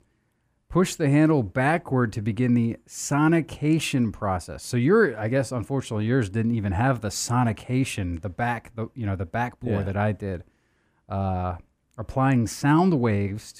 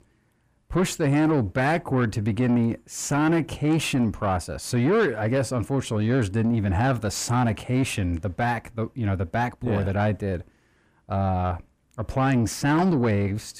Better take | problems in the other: first | distortion; slight; 10 dB below the speech

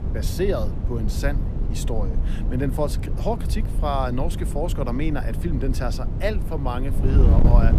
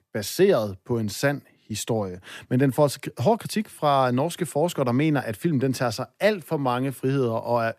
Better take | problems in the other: second | wind noise on the microphone; heavy; 8 dB below the speech

